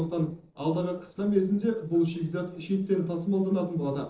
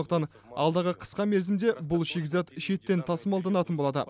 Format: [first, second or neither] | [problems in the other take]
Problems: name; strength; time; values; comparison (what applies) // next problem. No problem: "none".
second | noise reduction (neural separator model SepFormer DNS4)